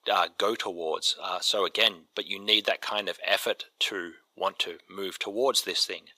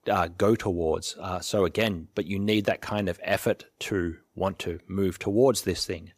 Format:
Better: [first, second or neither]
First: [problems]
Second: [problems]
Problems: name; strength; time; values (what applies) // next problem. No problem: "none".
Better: second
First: thin; very; fading below 550 Hz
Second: none